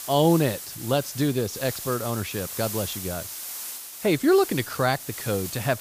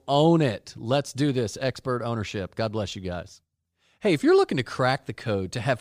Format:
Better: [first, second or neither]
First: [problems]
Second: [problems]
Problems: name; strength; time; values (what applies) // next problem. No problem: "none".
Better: second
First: hiss; loud; throughout; 8 dB below the speech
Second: none